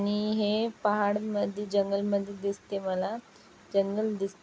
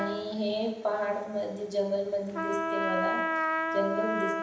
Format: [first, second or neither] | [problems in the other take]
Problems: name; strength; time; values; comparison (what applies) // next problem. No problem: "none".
first | background sound (Trumpet); 1 dB below the speech // room echo; dies away in 0.9 s